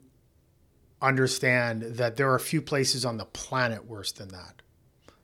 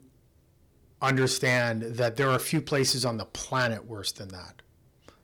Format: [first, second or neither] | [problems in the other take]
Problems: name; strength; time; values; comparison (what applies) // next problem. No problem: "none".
first | distortion; slight; 4% of the sound clipped